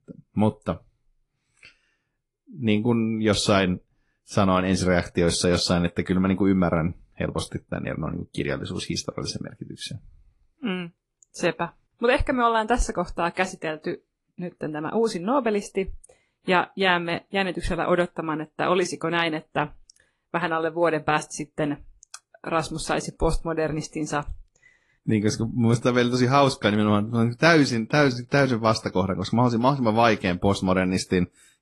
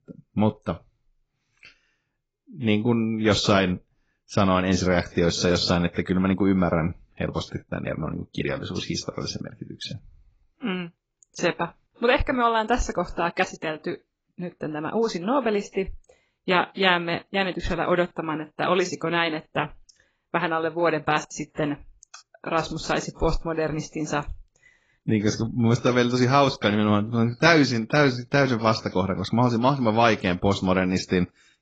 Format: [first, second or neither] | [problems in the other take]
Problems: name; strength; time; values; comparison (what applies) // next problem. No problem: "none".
first | garbled, watery; badly; nothing above 7.5 kHz; slightly in the first